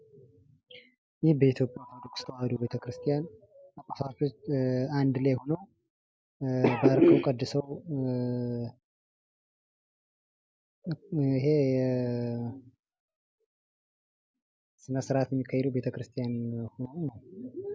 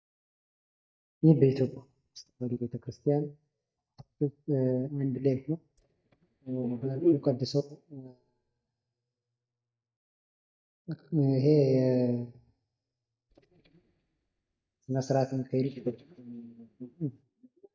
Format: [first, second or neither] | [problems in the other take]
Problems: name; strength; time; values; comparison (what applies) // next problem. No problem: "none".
first | noise reduction (neural mask model DeepFilterNet 3)